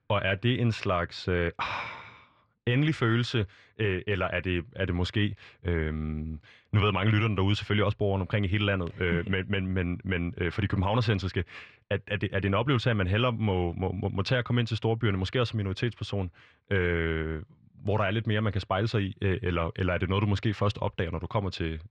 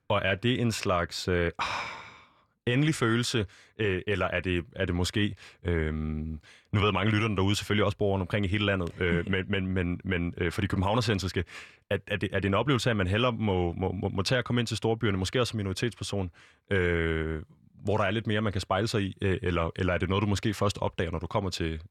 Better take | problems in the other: second | muffled; very slightly; fading above 3.5 kHz

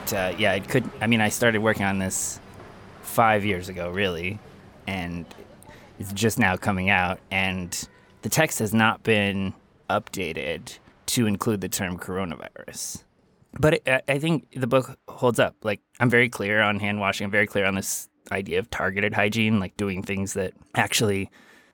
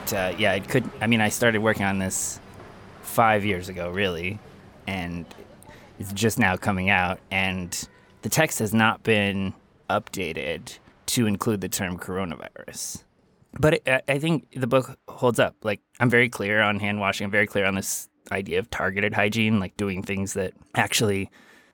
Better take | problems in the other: neither | train or aircraft noise; faint; throughout; 25 dB below the speech; the same in both

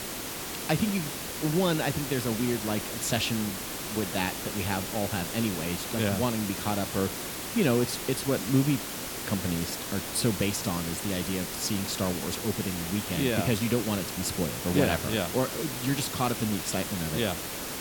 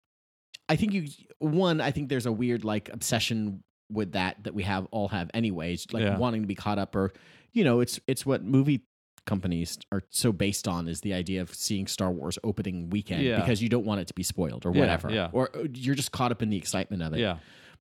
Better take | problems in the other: second | hiss; loud; throughout; 4 dB below the speech

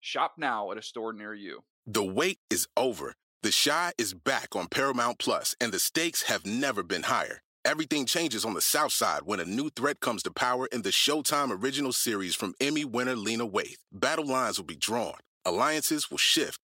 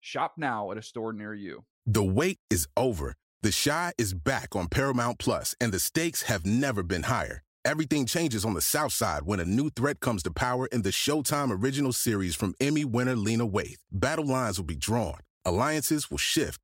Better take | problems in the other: second | thin; very slightly; fading below 300 Hz

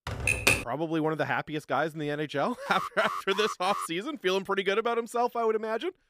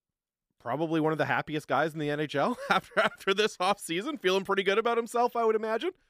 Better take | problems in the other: second | keyboard typing; loud; at the start; peak 6 dB above the speech // alarm; noticeable; from 2.5 to 4 s; peak 6 dB below the speech

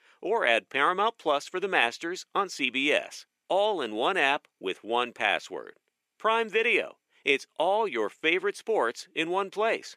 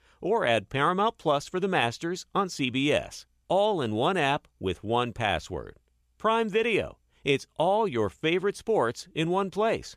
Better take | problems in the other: second | thin; somewhat; fading below 300 Hz

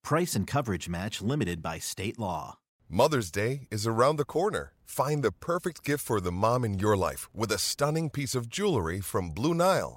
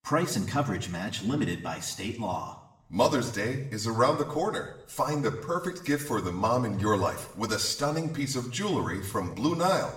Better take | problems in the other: first | room echo; slight; dies away in 0.7 s // off-mic speech; somewhat distant

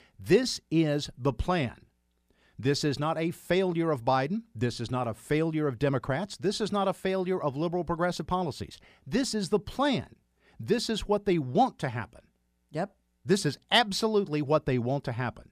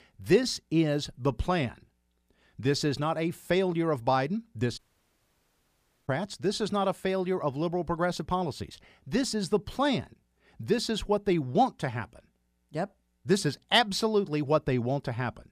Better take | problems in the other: first | audio cutting out; at 5 s for 1.5 s

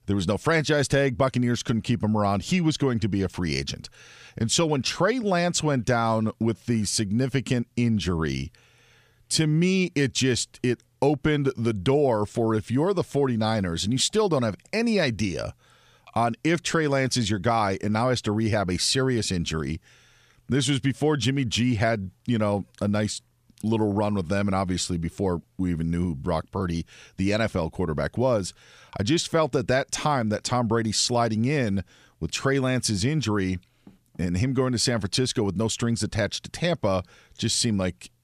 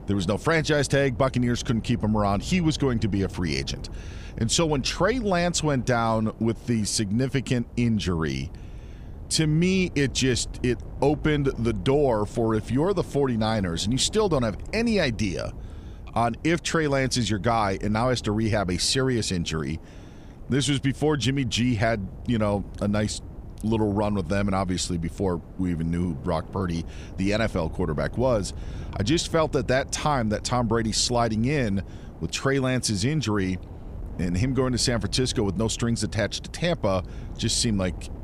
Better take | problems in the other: first | wind noise on the microphone; occasional gusts; 20 dB below the speech

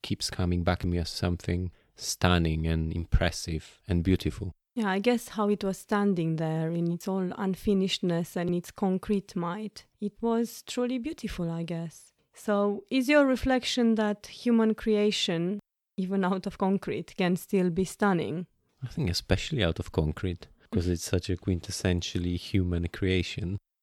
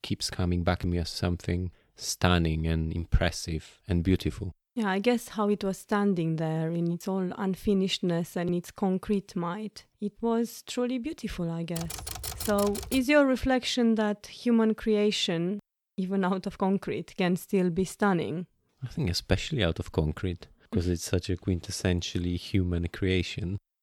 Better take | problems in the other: first | keyboard typing; noticeable; from 12 to 13 s; peak 6 dB below the speech

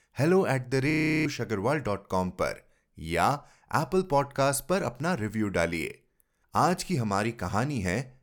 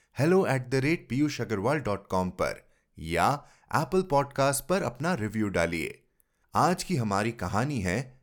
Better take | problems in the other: second | audio freezing; at 1 s

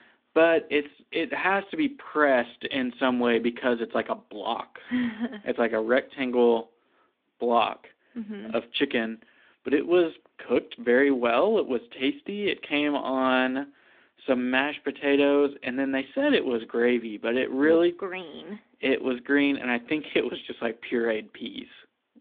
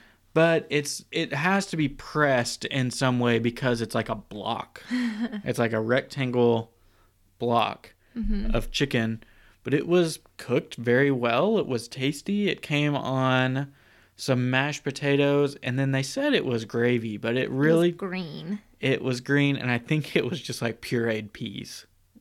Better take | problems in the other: second | phone-call audio

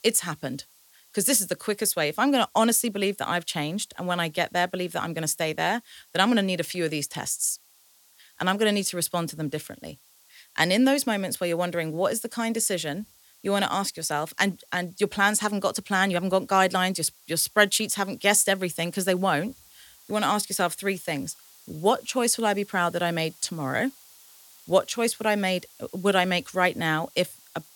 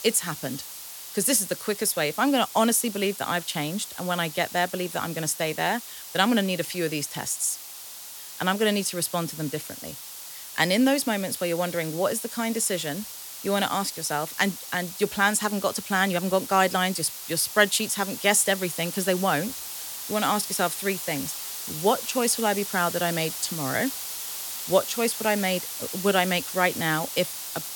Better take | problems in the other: first | hiss; loud; throughout; 9 dB below the speech; faint in the first

